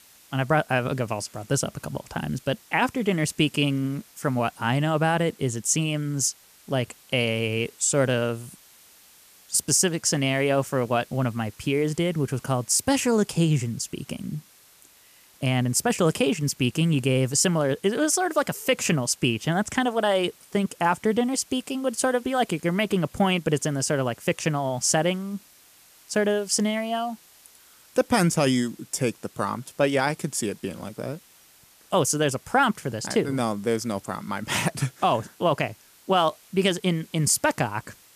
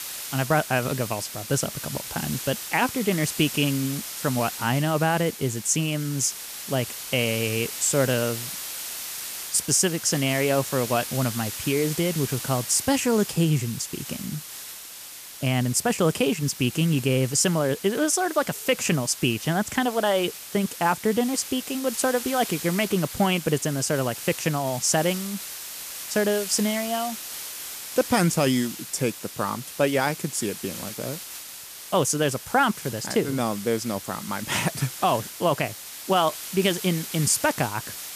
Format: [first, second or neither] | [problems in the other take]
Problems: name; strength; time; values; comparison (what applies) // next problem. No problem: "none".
first | hiss; loud; throughout; 9 dB below the speech; faint in the first